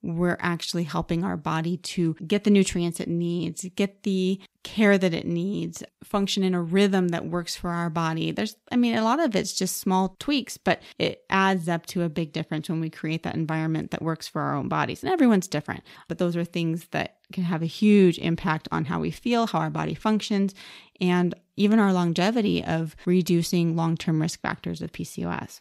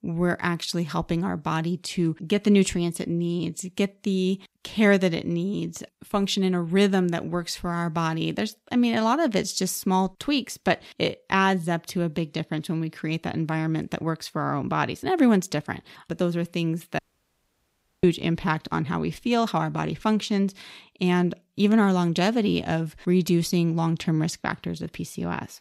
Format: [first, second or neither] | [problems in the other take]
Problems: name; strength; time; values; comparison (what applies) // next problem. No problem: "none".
first | audio cutting out; at 17 s for 1 s